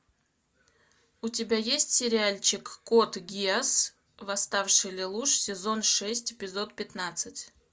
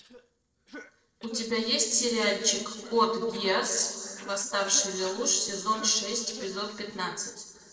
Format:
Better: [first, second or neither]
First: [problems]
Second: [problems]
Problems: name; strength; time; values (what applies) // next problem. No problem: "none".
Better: first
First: none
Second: noise reduction (neural separator model SepFormer DNS4)